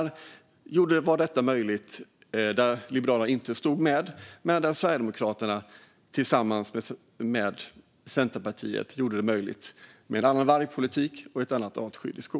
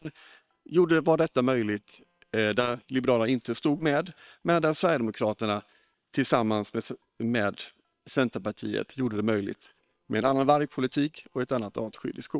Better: first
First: none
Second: noise reduction (neural separator model SepFormer WHAM!)

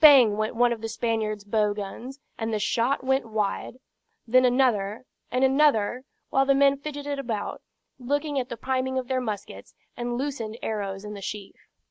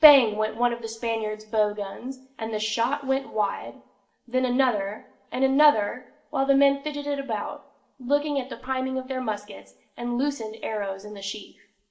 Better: first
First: none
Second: room echo; dies away in 0.5 s

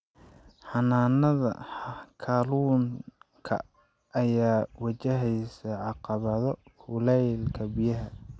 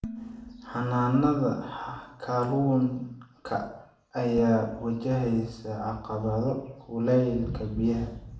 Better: first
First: none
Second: background sound (Dishes, pots, and pans); 18 dB below the speech // room echo; dies away in 0.6 s

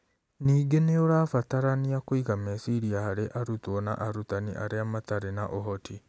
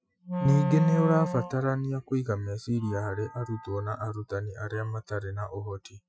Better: first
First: none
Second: noise reduction (classical method Wiener filter)

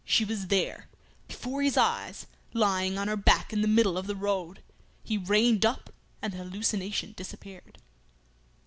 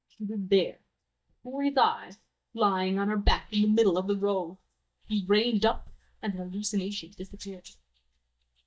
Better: first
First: none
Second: noise reduction (neural mask model DeepFilterNet 3)

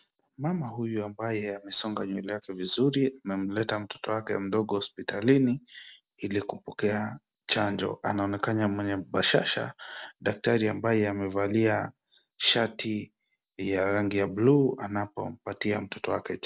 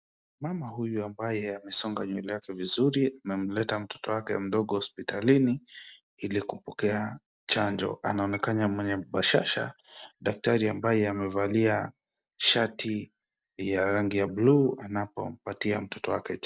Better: first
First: none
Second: noise reduction (neural mask model DeepFilterNet 3)

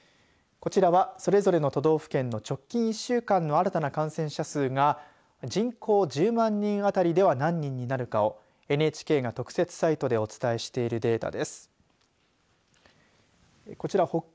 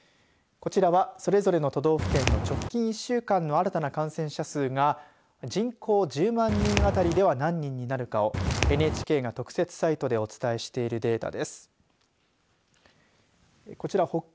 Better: first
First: none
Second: background sound (Walk, footsteps); 1 dB above the speech

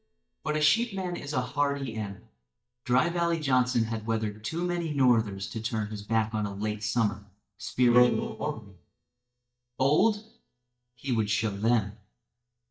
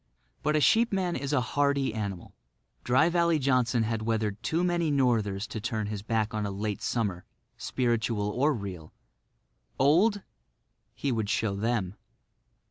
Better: second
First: noise reduction (neural mask model DeepFilterNet 3)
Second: none

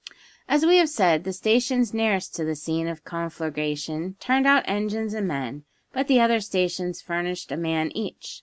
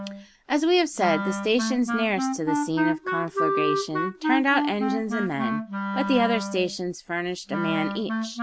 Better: first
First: none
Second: background sound (Wind instrument, woodwind instrument); 2 dB below the speech

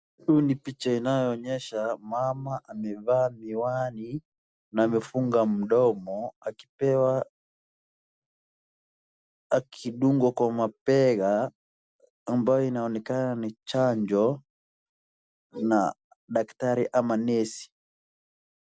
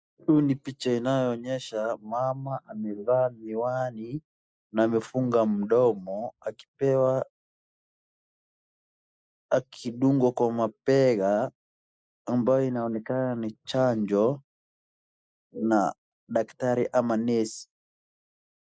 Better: first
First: none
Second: noise reduction (neural mask model Resemble Enhance denoiser)

